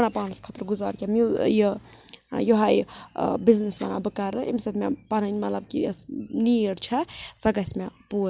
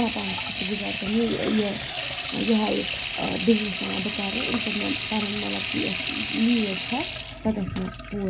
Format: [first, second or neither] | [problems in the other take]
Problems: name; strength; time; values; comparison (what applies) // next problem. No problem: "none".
first | background sound (Sink (filling or washing) / Water tap, faucet); 4 dB below the speech // room echo; dies away in 0.4 s